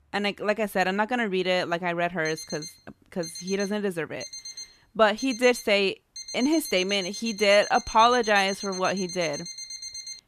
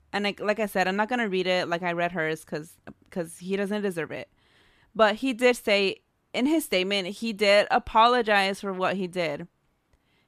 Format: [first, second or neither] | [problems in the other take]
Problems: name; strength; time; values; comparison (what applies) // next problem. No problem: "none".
second | alarm; faint; from 2.5 s on; peak 10 dB below the speech